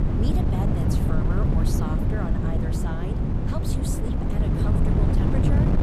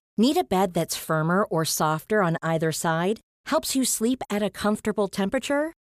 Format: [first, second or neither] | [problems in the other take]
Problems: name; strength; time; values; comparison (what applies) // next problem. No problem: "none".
second | wind noise on the microphone; heavy; 5 dB above the speech